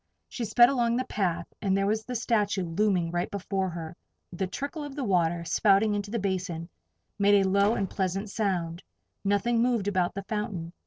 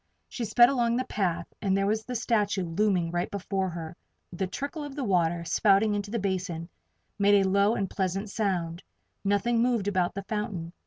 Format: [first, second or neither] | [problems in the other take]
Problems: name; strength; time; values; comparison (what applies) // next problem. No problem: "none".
second | noise reduction (neural separator model SepFormer DNS4)